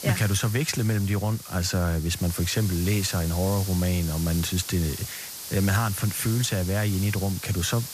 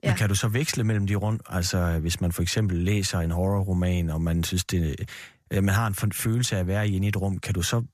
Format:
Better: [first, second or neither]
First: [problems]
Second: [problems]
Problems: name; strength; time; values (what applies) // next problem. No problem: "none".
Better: second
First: hiss; loud; throughout; 9 dB below the speech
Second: none